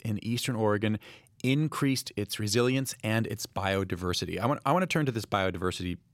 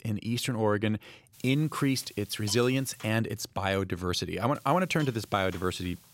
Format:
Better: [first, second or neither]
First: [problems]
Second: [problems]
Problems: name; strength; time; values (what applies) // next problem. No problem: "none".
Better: first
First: none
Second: hiss; faint; from 1.5 to 3 s and from 4.5 s on; 20 dB below the speech